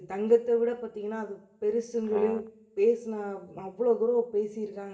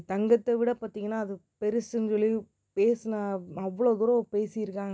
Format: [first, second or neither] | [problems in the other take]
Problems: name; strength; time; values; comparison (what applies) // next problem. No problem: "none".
second | background sound (Brass instrument); 11 dB below the speech // room echo; dies away in 0.7 s